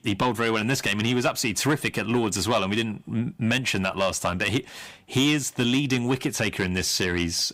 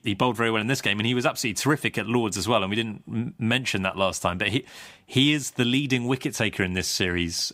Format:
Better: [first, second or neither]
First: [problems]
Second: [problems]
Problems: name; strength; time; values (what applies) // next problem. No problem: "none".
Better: second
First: distortion; slight; 10 dB below the speech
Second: none